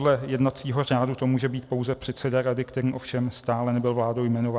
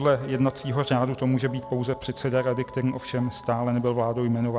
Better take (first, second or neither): first